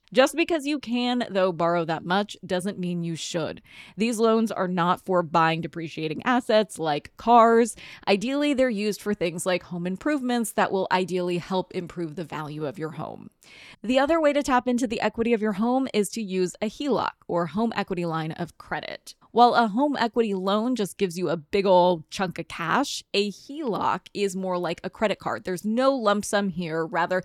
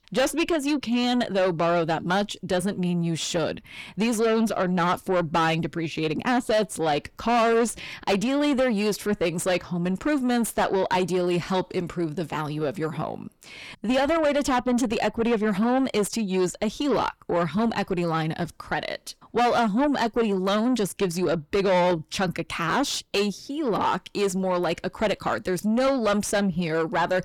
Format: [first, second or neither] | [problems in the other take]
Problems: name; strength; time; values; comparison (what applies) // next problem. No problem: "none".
first | distortion; heavy; 6 dB below the speech